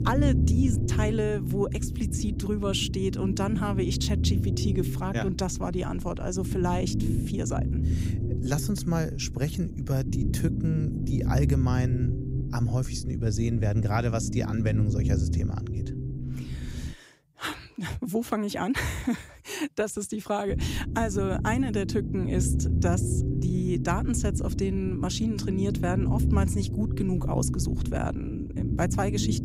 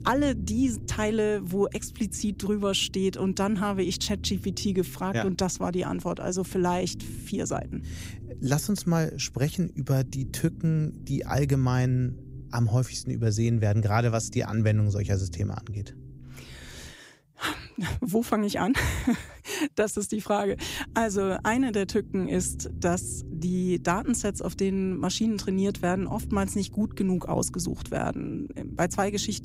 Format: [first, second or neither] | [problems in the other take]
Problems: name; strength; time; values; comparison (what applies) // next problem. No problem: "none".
second | low rumble; loud; until 17 s and from 20 s on; 7 dB below the speech; faint in the second